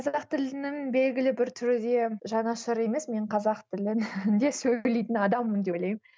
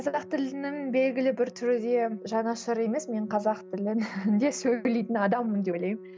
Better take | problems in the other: first | background sound (Organ); 18 dB below the speech

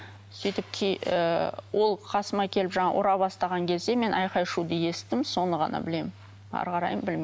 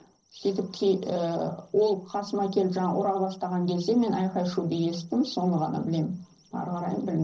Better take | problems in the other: first | noise reduction (neural separator model SepFormer DNS4)

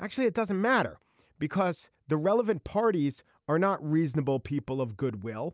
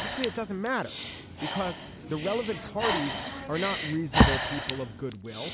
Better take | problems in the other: first | background sound (Breathing); 2 dB above the speech

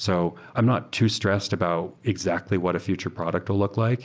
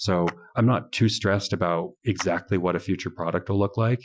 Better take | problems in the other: first | noise reduction (classical method Wiener filter)

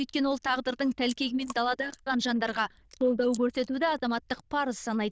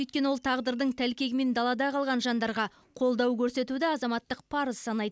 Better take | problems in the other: second | noise reduction (neural diffusion model UNIVERSE++)

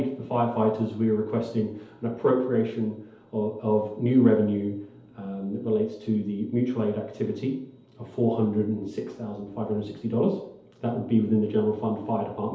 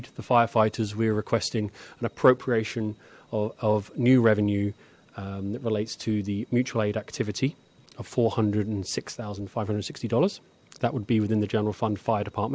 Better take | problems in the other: second | room echo; dies away in 2.2 s

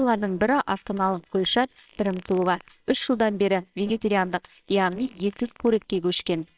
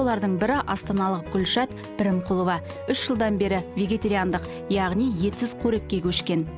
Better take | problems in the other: second | noise reduction (neural separator model SepFormer WHAMR!)

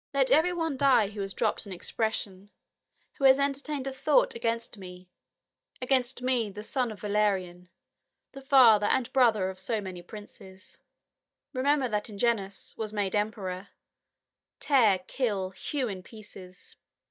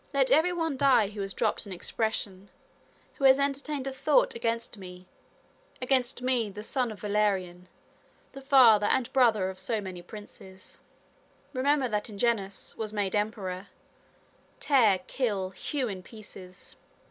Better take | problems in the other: second | noise reduction (neural mask model DeepFilterNet 3)

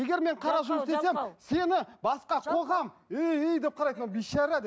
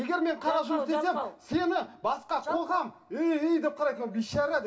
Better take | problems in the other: first | room echo; dies away in 0.5 s

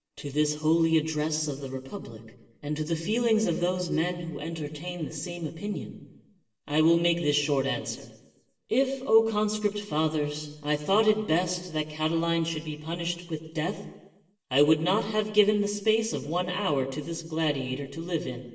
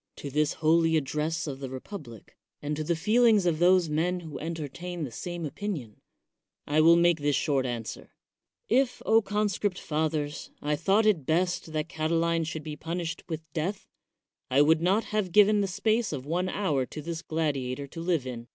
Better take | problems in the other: second | room echo; dies away in 1 s

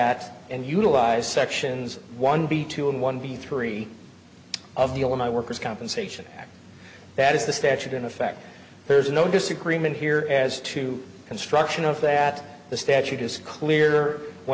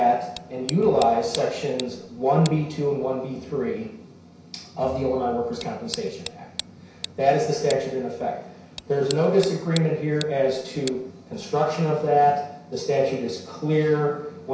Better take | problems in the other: first | background sound (Tick); 16 dB below the speech // room echo; dies away in 0.6 s

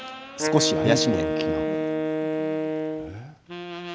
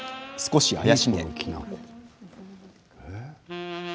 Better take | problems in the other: second | background sound (Wind instrument, woodwind instrument); 2 dB above the speech

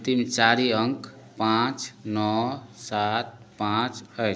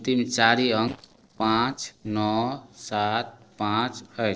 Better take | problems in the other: first | noise reduction (neural separator model SepFormer DNS4)

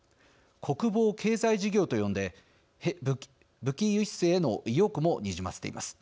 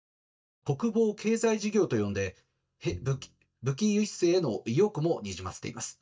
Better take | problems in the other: first | noise reduction (neural mask model DeepFilterNet 3)

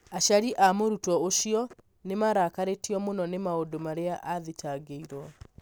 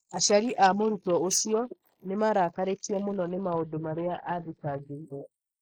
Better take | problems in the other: first | noise reduction (neural mask model Resemble Enhance denoiser)

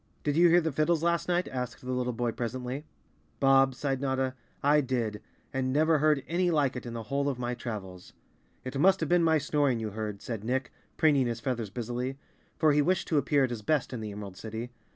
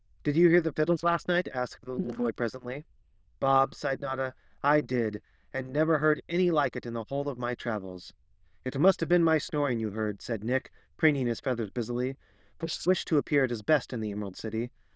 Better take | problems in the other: first | noise reduction (neural diffusion model UNIVERSE++)

